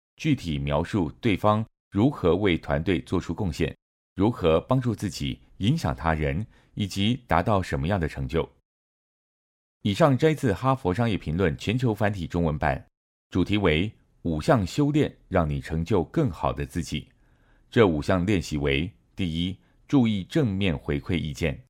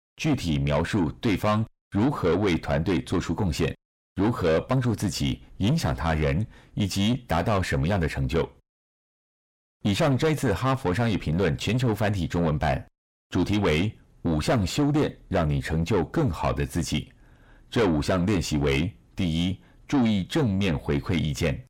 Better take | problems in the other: first | distortion; heavy; 6 dB below the speech

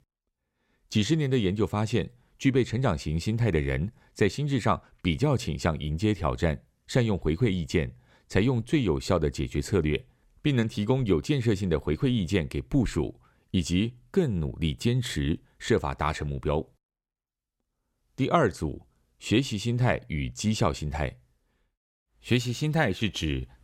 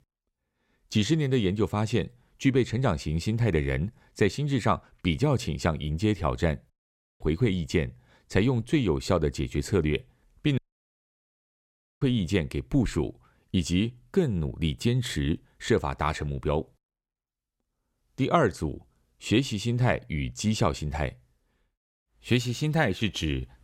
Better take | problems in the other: first | audio cutting out; at 6.5 s for 0.5 s and at 11 s for 1.5 s

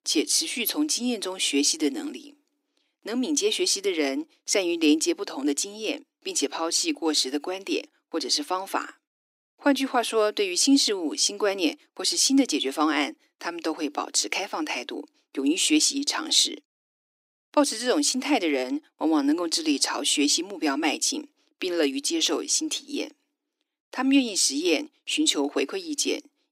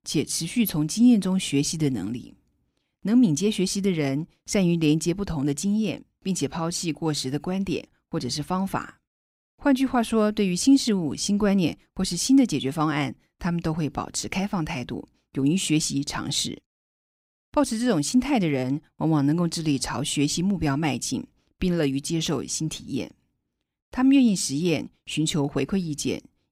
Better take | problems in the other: second | thin; very slightly; fading below 300 Hz

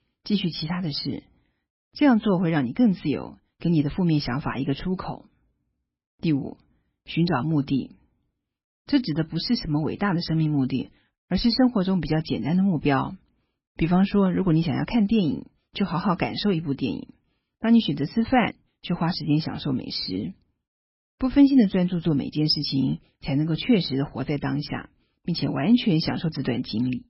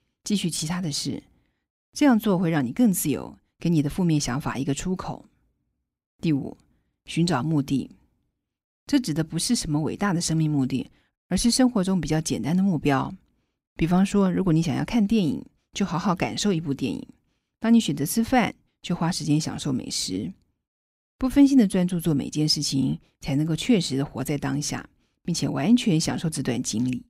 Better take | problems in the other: second | garbled, watery; badly; nothing above 5.5 kHz

